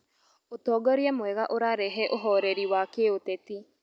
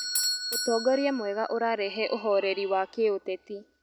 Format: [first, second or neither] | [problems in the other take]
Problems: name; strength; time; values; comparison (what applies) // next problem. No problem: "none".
first | background sound (Bell / Doorbell); 8 dB below the speech